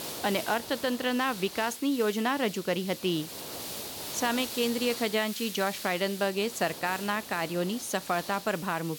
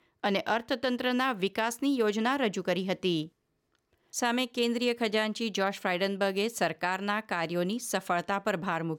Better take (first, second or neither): second